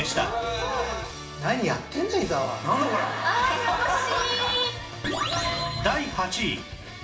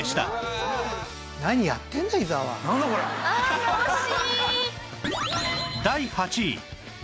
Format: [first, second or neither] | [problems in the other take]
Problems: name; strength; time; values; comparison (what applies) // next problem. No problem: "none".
second | room echo; dies away in 0.8 s